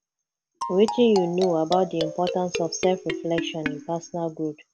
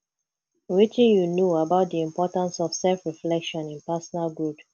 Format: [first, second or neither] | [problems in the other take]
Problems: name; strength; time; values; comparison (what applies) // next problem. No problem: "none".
second | background sound (Marimba, xylophone); 8 dB below the speech